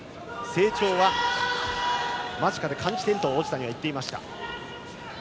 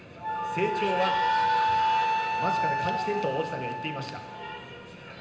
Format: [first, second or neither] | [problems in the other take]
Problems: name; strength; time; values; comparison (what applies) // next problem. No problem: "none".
first | background sound (Wind instrument, woodwind instrument); 4 dB above the speech // room echo; dies away in 0.9 s